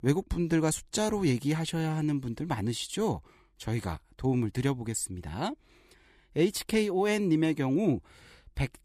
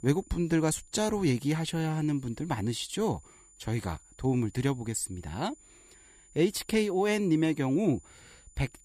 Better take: first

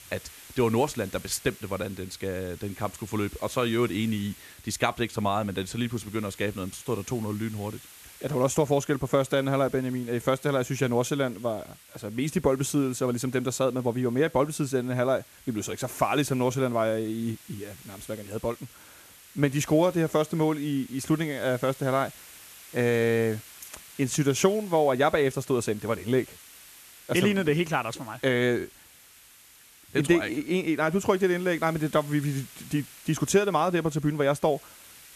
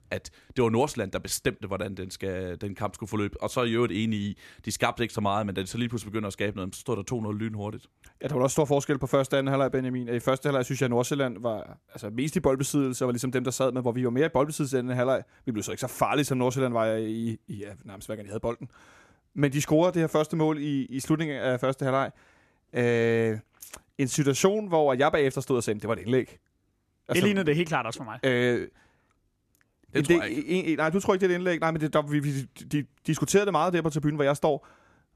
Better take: second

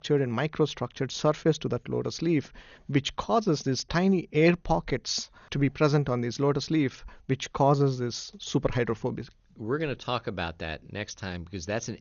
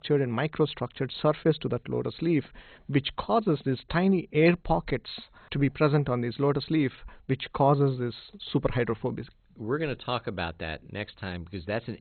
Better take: first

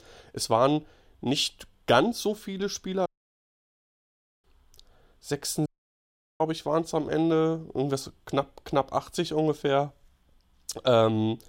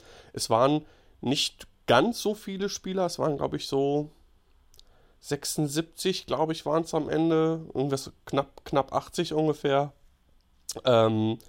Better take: second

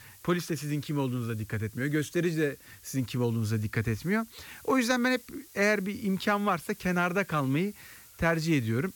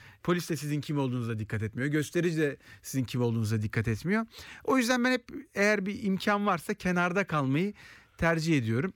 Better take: second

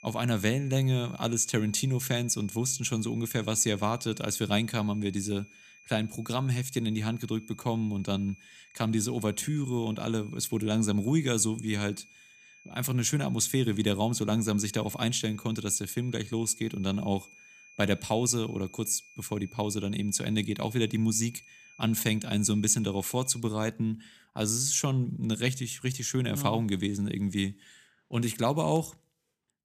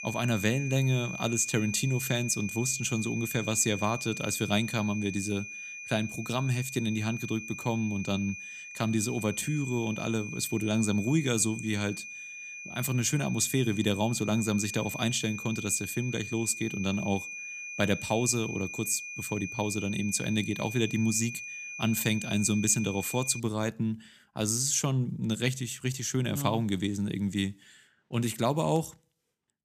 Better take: first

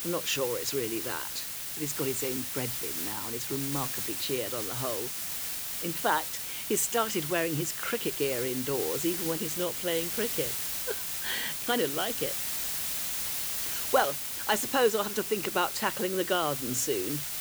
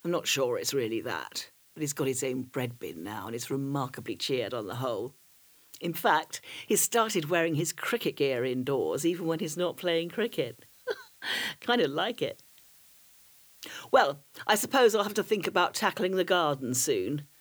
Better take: second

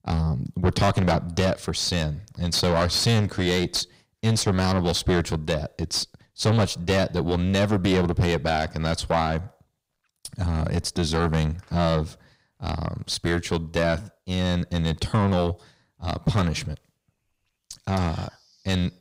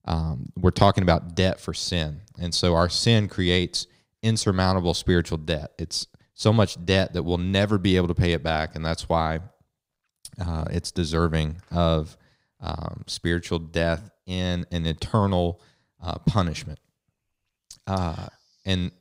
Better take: second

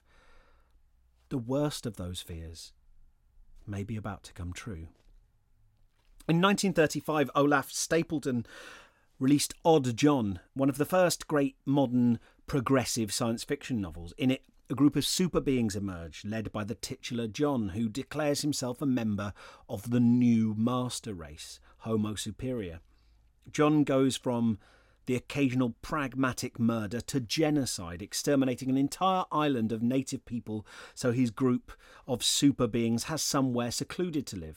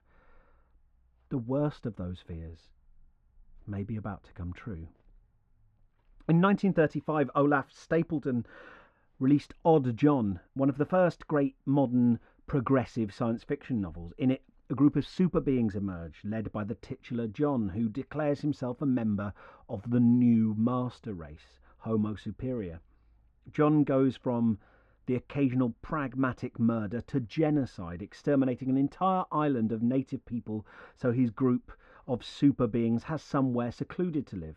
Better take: first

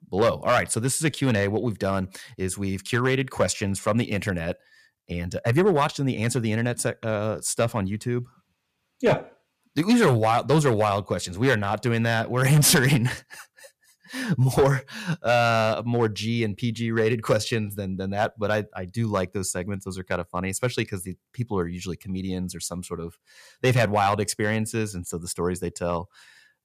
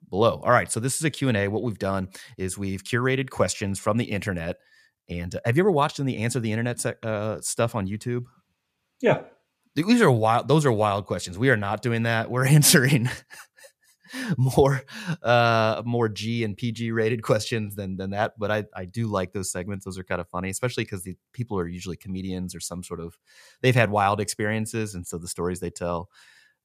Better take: second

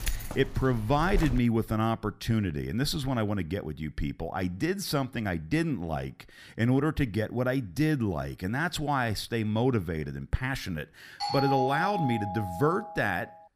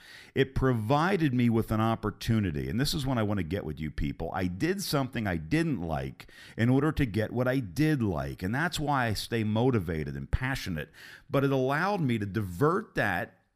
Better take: second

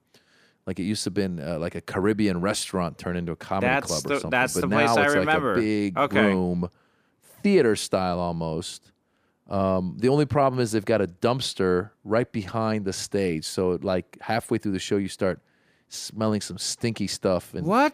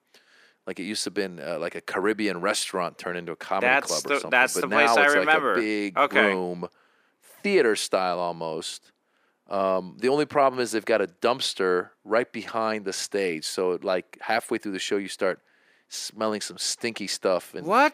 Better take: first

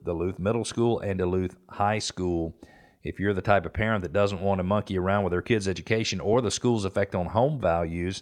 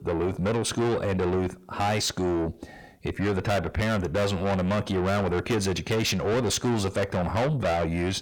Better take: first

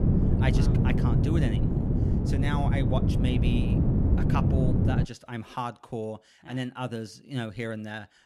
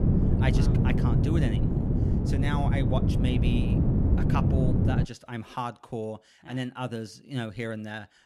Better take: neither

